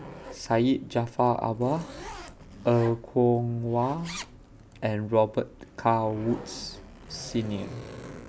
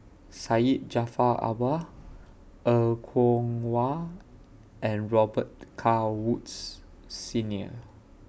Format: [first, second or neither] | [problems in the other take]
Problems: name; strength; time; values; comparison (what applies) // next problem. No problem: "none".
second | background sound (Zipper (clothing)); 17 dB below the speech